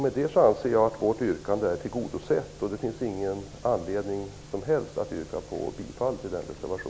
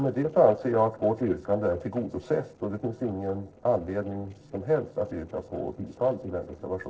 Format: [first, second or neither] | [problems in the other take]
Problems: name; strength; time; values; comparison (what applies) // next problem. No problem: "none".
first | noise reduction (neural separator model SepFormer DNS4)